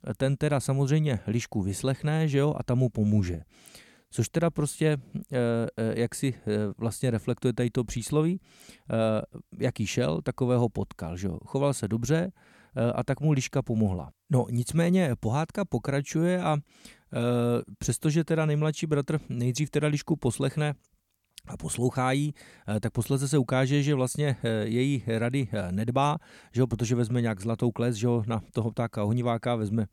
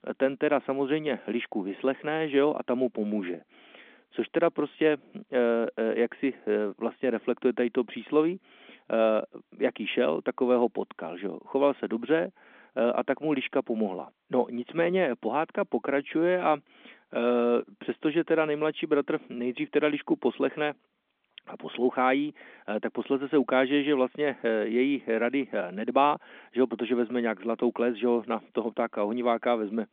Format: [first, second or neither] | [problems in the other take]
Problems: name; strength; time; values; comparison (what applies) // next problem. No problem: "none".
first | phone-call audio; nothing above 3.5 kHz